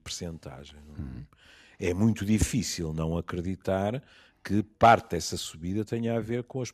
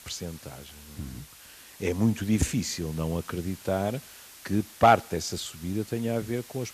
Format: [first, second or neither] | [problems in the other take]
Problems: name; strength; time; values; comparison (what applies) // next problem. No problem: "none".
first | hiss; noticeable; throughout; 20 dB below the speech